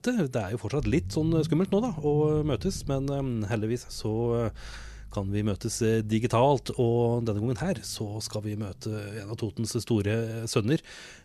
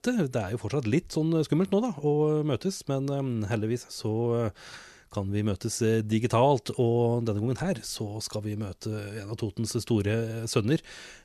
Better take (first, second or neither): second